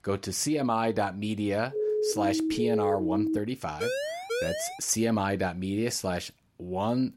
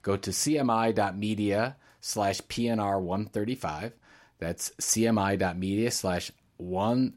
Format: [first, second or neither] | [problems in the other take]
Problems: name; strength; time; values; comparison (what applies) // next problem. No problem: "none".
second | siren; loud; from 1.5 to 3.5 s; peak 2 dB above the speech // siren; noticeable; at 4 s; peak 1 dB below the speech